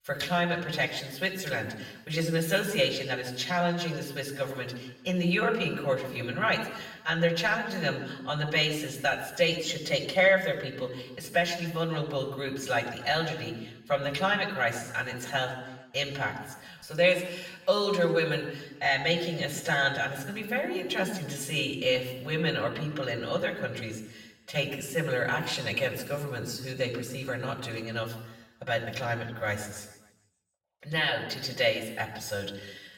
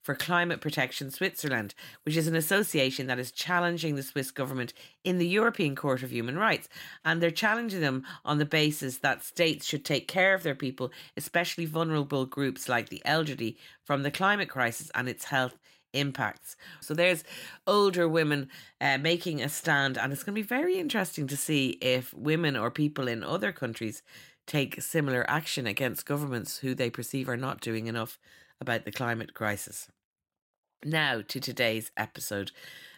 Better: second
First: room echo; slight; dies away in 1 s // off-mic speech; far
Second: none

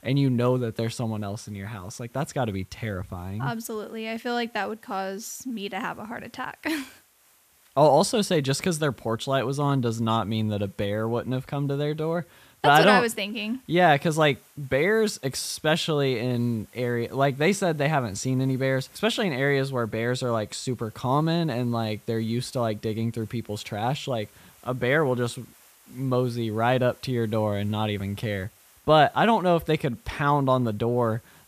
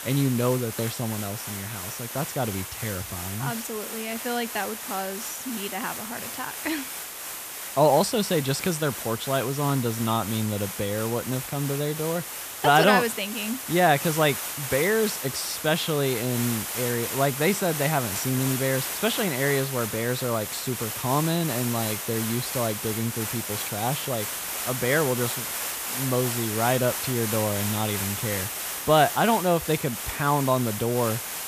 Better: first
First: hiss; faint; throughout; 30 dB below the speech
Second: hiss; loud; throughout; 4 dB below the speech

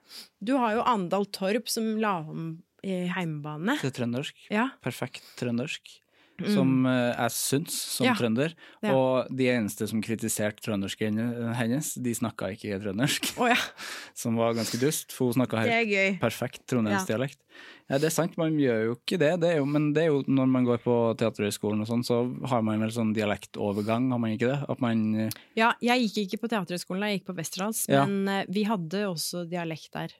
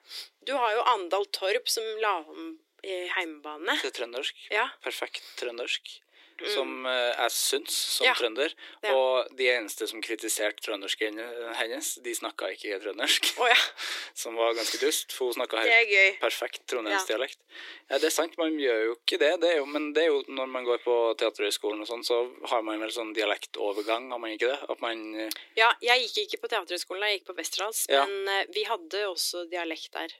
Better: first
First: none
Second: thin; very; fading below 300 Hz

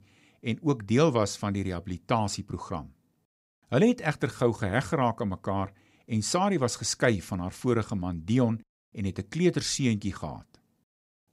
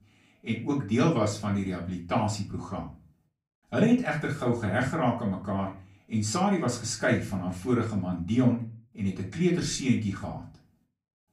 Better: first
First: none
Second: off-mic speech; far // room echo; slight; dies away in 0.3 s

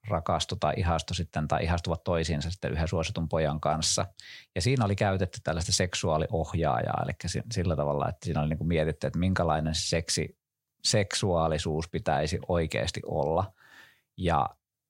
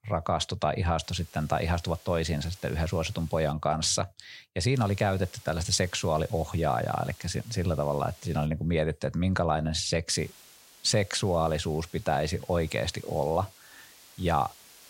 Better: first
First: none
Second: hiss; faint; from 1 to 3.5 s, from 5 to 8.5 s and from 10 s on; 20 dB below the speech

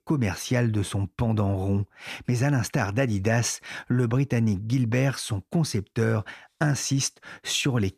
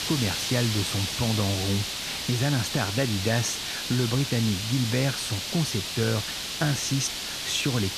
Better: first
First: none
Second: hiss; loud; throughout; 2 dB below the speech

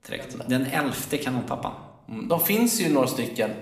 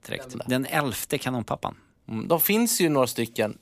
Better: second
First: room echo; slight; dies away in 0.6 s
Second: none

